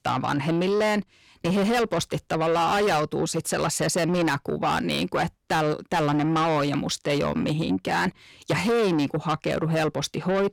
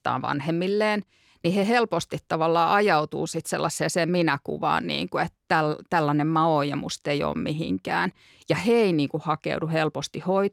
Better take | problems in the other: second | distortion; heavy; 8 dB below the speech

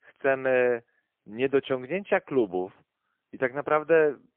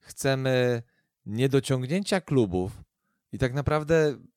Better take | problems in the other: second | phone-call audio; poor line

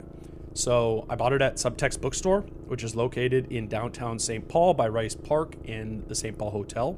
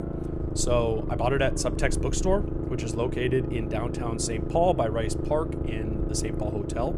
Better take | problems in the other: first | low rumble; loud; throughout; 8 dB below the speech; faint in the first

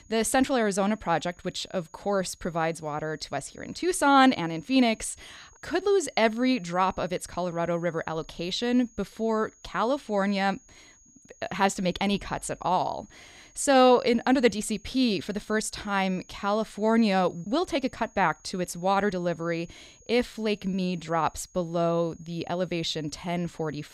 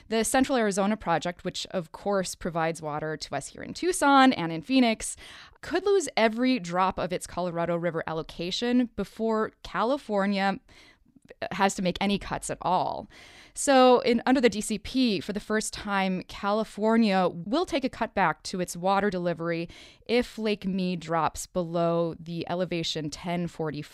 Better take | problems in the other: second | high-pitched whine; faint; throughout; 6.5 kHz, 30 dB below the speech

